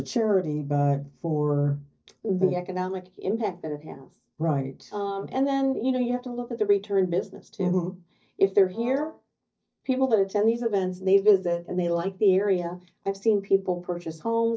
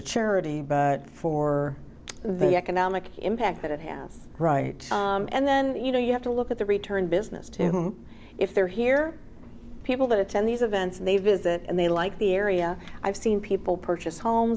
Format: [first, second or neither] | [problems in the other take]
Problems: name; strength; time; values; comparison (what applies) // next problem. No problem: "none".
second | noise reduction (neural mask model DeepFilterNet 3)